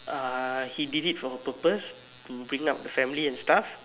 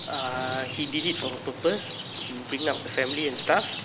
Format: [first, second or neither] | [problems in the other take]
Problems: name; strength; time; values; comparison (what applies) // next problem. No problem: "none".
first | background sound (Rain); 7 dB below the speech